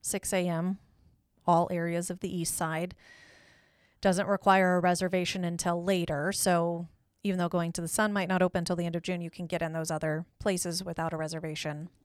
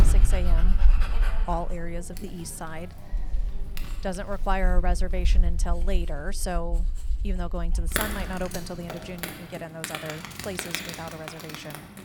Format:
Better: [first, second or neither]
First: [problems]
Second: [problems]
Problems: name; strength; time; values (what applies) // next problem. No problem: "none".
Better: first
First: none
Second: animal sounds; very loud; throughout; 4 dB above the speech